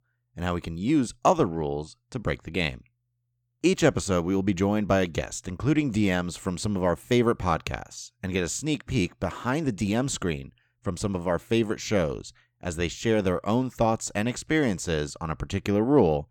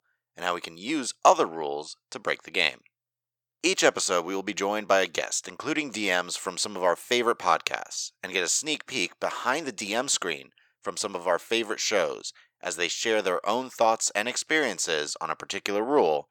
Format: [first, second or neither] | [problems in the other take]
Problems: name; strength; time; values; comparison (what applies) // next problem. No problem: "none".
first | thin; very; fading below 600 Hz